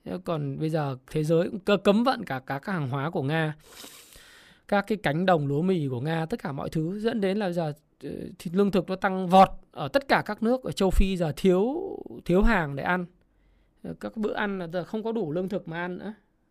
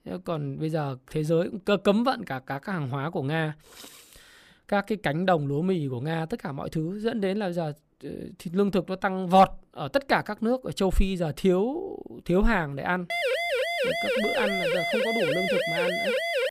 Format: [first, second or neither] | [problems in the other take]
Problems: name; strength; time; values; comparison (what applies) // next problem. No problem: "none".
first | siren; loud; from 13 s on; peak 2 dB above the speech